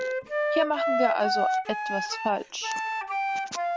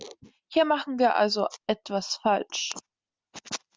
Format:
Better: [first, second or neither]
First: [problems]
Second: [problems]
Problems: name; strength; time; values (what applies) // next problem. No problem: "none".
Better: second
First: background sound (Wind instrument, woodwind instrument); 3 dB above the speech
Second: none